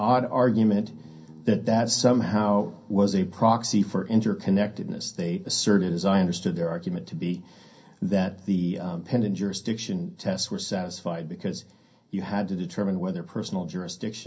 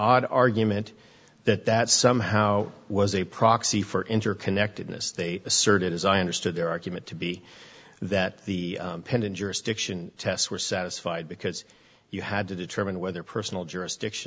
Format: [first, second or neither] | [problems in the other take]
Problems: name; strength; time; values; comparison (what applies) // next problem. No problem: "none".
second | background sound (Bass guitar); 18 dB below the speech // room echo; dies away in 0.3 s